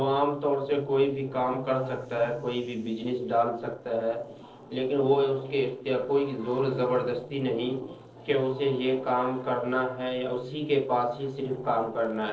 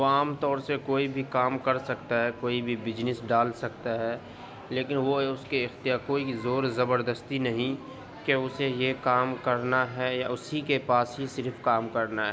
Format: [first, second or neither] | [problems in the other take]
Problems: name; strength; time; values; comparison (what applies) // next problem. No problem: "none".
second | noise reduction (neural separator model SepFormer DNS4)